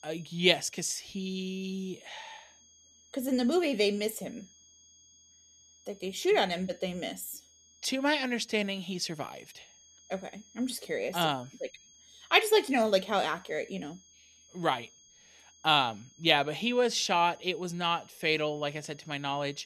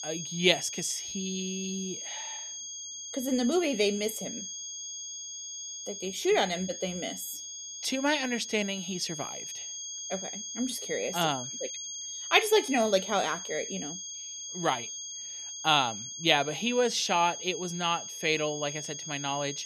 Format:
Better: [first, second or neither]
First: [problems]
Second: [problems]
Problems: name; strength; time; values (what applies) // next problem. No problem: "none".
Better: first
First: high-pitched whine; faint; throughout; 6.5 kHz, 25 dB below the speech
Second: high-pitched whine; loud; throughout; 6.5 kHz, 7 dB below the speech